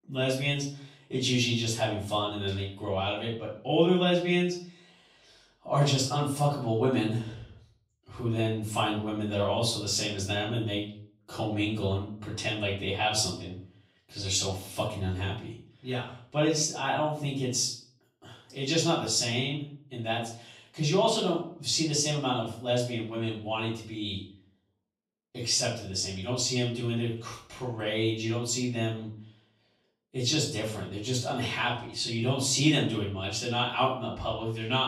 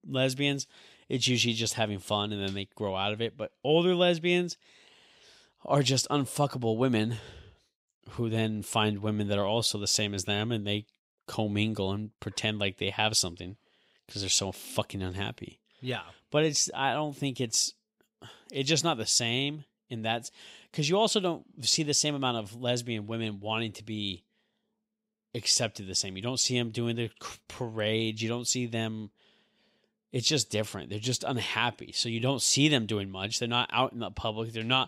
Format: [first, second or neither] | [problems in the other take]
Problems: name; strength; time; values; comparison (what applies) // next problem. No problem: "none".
second | room echo; noticeable; dies away in 0.4 s // off-mic speech; far